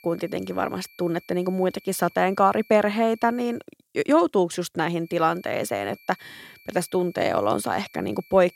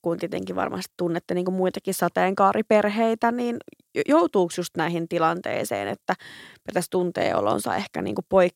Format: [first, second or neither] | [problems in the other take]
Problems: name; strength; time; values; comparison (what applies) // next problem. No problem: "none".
second | high-pitched whine; faint; until 3.5 s and from 5 s on; 2.5 kHz, 25 dB below the speech